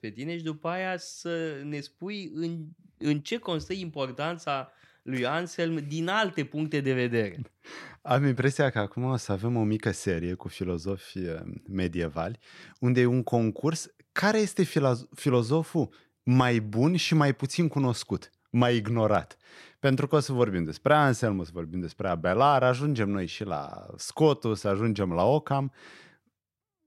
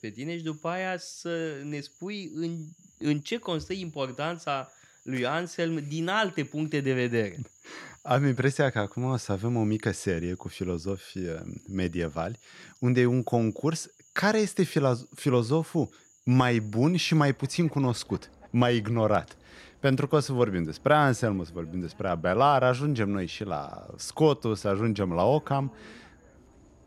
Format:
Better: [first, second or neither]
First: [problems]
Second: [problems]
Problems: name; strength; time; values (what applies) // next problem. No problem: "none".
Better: first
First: none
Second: animal sounds; faint; throughout; 30 dB below the speech